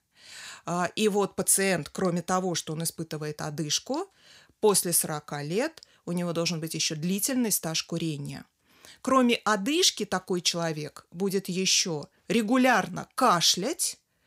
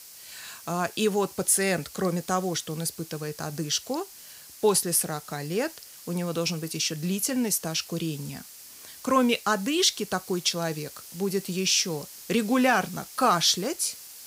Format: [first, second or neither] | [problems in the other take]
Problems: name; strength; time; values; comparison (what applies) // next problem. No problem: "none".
first | hiss; noticeable; throughout; 15 dB below the speech